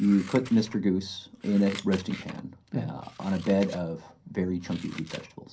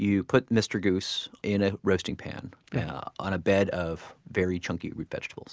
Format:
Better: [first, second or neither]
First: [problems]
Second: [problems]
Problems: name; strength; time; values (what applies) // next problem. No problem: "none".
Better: second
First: background sound (Scissors); 18 dB below the speech // room echo; dies away in 0.3 s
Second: none